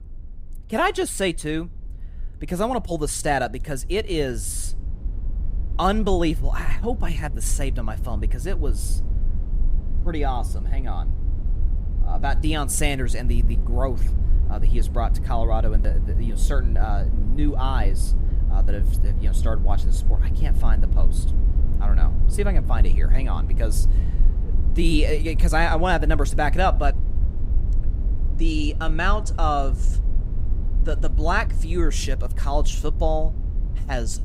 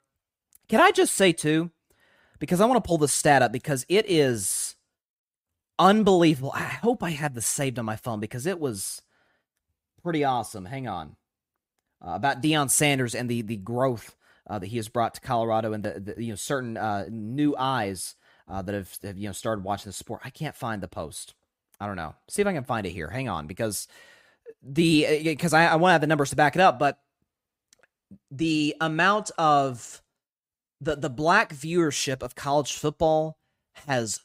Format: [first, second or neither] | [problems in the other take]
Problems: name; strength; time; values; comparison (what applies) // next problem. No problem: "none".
second | low rumble; noticeable; throughout; 15 dB below the speech